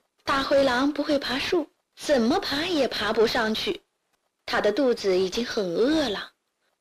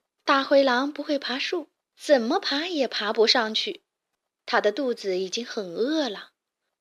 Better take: second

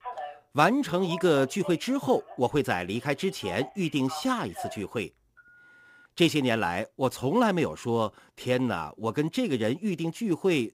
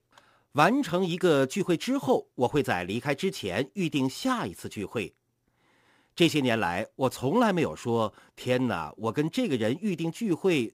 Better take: second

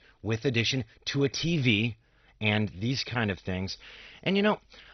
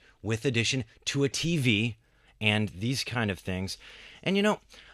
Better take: second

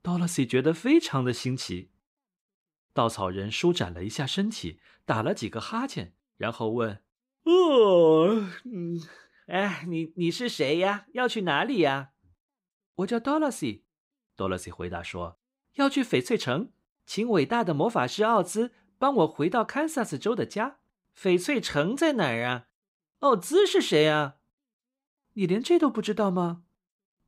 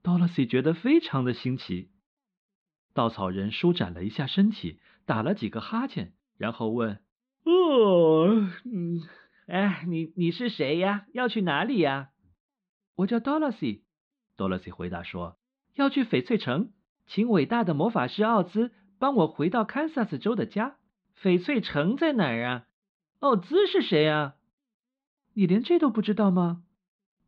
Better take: first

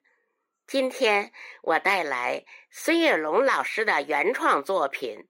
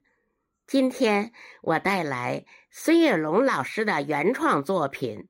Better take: second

